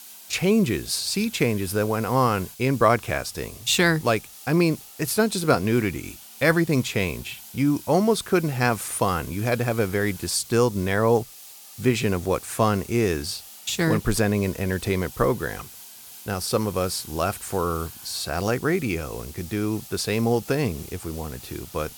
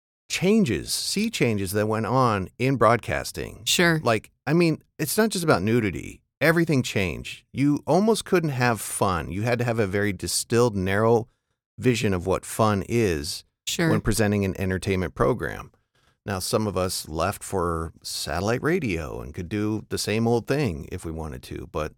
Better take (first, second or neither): second